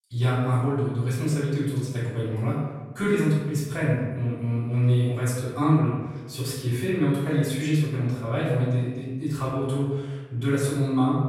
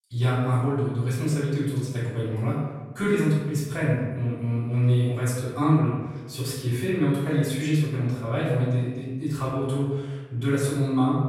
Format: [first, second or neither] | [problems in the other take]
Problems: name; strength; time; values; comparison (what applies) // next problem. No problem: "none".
neither | room echo; strong; dies away in 1.1 s; the same in both // off-mic speech; far; the same in both